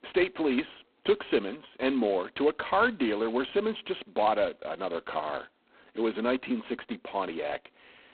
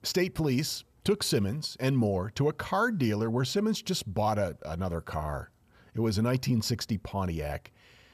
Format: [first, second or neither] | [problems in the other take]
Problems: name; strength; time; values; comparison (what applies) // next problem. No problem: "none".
second | phone-call audio; poor line; nothing above 4 kHz